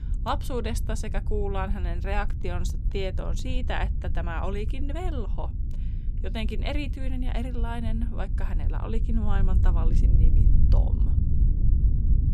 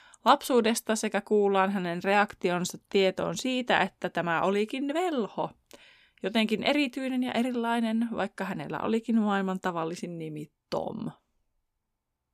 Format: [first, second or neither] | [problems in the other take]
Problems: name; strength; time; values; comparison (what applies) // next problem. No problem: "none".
second | wind noise on the microphone; heavy; 10 dB below the speech